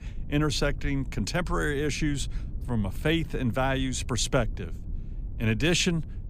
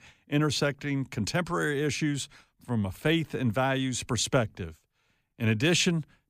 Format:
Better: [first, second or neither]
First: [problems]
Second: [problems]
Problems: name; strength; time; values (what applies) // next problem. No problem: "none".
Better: second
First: low rumble; faint; throughout; 25 dB below the speech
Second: none